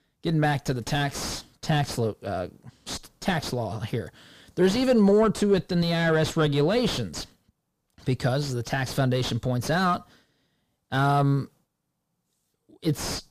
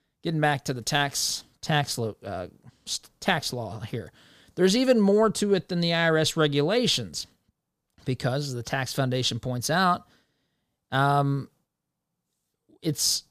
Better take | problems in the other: second | distortion; heavy; 5 dB below the speech

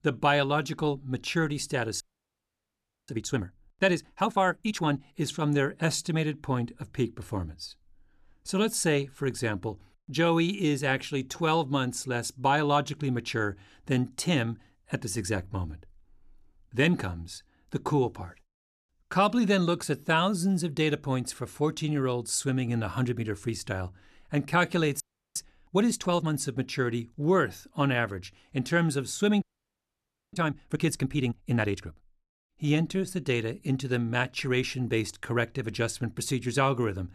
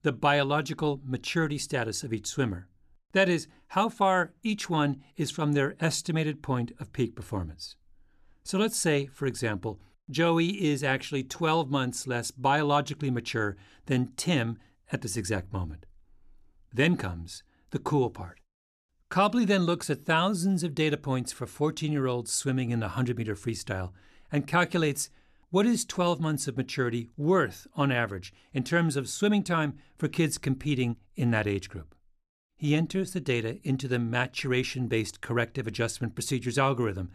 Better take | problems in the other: second | audio freezing; at 2 s for 1 s, at 25 s and at 29 s for 1 s

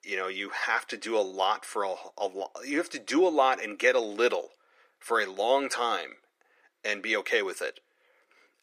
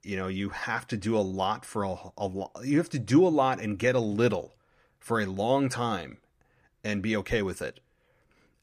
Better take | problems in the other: second | thin; somewhat; fading below 350 Hz

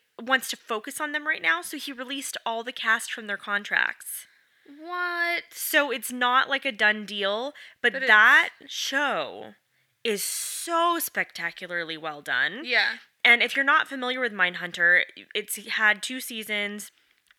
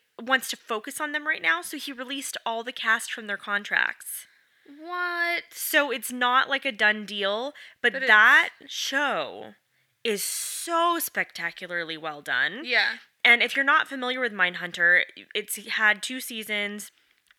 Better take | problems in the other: neither | thin; somewhat; fading below 750 Hz; the same in both

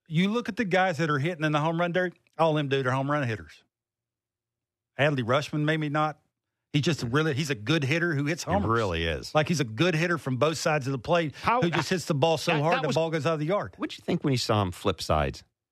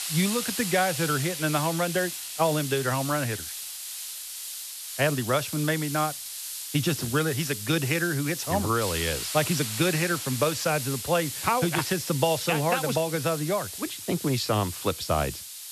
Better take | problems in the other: first | hiss; loud; throughout; 6 dB below the speech

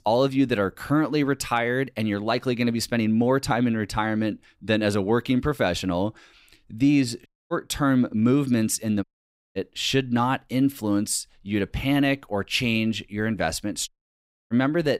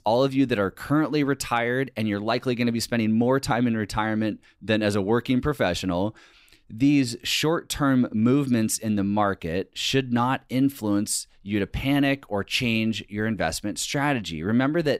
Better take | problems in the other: second | audio cutting out; at 7.5 s, at 9 s for 0.5 s and at 14 s for 0.5 s

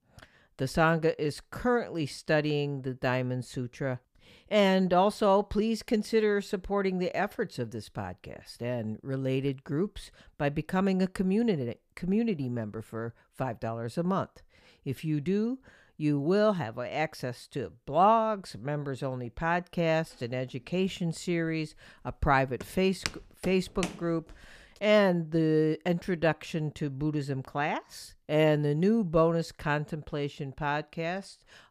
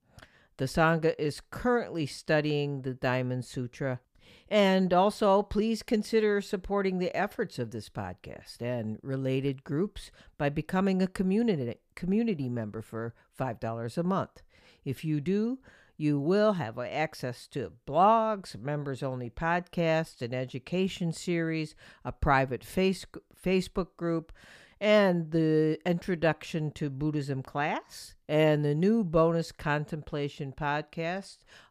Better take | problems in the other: second | footsteps; noticeable; from 23 to 24 s; peak 7 dB below the speech

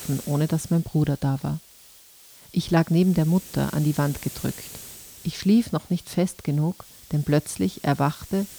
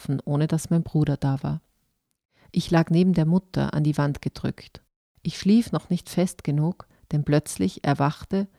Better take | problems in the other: second | hiss; noticeable; throughout; 15 dB below the speech

